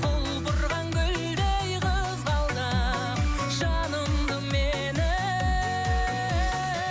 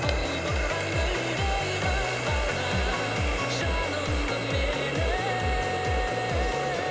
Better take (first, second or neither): first